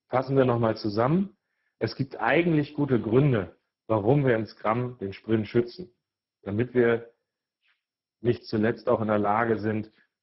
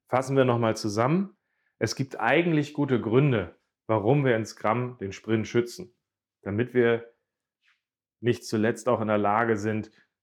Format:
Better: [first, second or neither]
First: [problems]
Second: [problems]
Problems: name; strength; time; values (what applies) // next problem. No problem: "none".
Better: second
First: garbled, watery; badly; nothing above 5.5 kHz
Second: none